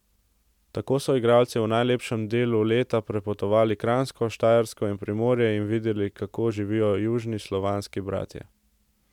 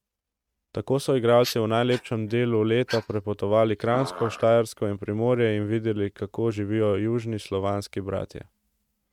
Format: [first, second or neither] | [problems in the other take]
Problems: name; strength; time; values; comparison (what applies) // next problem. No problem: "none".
first | noise reduction (neural mask model RNNoise)